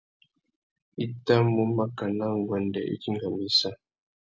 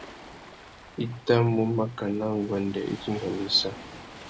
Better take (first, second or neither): first